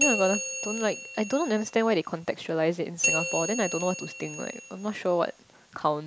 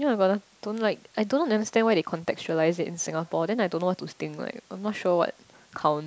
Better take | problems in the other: second | background sound (Bell); 5 dB below the speech

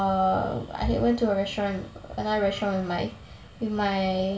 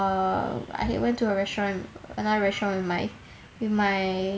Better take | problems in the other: second | room echo; dies away in 0.2 s

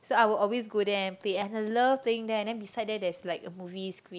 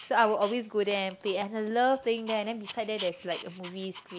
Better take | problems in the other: first | background sound (Dog); 17 dB below the speech

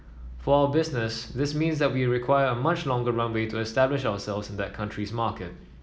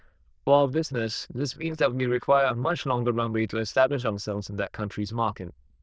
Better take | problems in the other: first | noise reduction (neural diffusion model UNIVERSE++)

